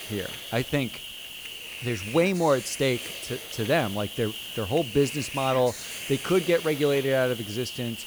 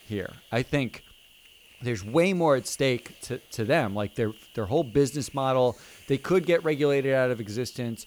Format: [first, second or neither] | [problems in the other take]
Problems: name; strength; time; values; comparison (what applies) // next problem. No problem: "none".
second | hiss; loud; throughout; 9 dB below the speech; faint in the second